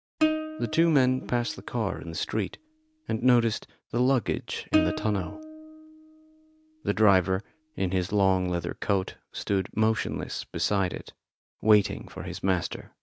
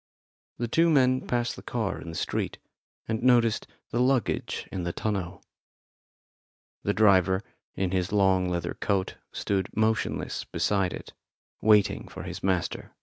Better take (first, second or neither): second